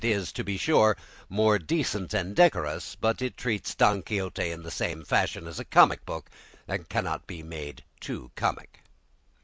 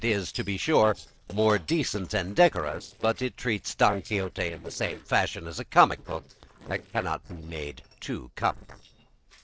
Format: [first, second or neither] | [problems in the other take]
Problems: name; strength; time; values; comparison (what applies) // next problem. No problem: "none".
first | noise reduction (neural separator model SepFormer DNS4)